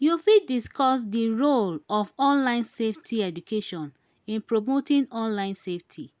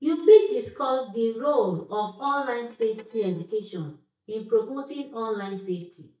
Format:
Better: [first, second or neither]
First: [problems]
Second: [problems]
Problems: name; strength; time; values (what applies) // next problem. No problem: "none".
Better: first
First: none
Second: noise reduction (neural mask model DeepFilterNet 3)